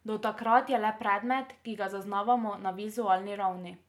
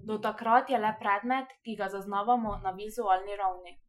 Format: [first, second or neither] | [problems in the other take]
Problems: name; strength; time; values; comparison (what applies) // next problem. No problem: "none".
first | noise reduction (classical method Wiener filter)